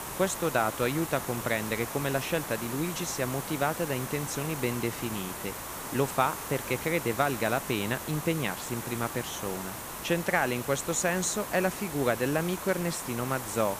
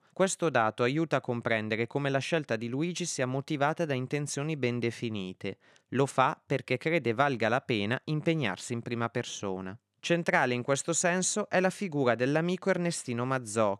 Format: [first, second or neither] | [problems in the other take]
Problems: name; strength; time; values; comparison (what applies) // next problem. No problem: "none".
second | hiss; loud; throughout; 6 dB below the speech